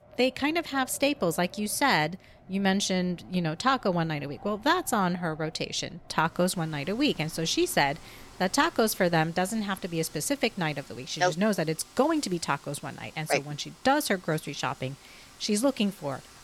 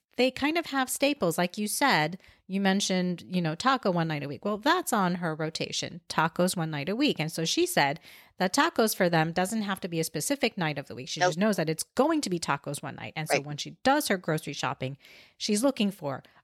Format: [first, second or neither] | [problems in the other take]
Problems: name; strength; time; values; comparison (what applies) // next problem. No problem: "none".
second | wind in the background; faint; throughout; 25 dB below the speech